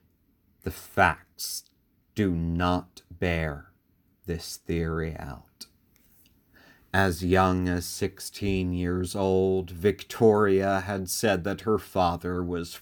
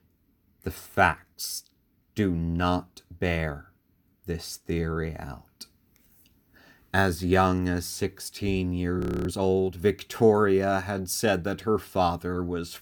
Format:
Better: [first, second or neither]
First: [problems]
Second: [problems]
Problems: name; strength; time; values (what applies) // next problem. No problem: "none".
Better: first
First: none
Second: audio freezing; at 9 s